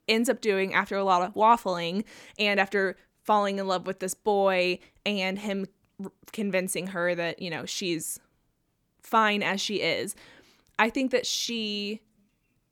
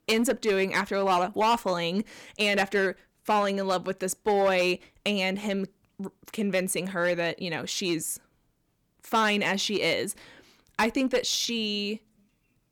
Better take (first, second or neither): first